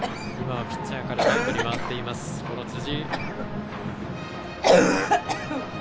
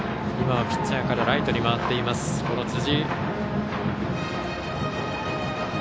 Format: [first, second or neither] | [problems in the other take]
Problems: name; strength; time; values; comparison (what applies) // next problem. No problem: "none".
second | background sound (Cough); 4 dB above the speech